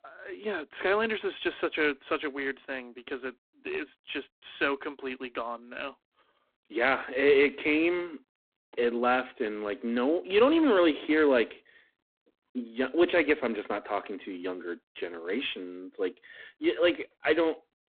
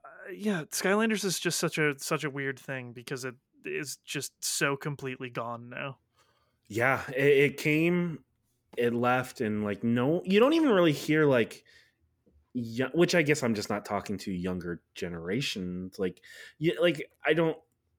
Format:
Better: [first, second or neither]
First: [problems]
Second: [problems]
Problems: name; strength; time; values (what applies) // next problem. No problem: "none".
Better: second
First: phone-call audio; poor line; nothing above 3.5 kHz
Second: none